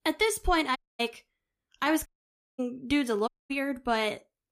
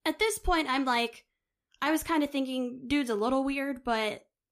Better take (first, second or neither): second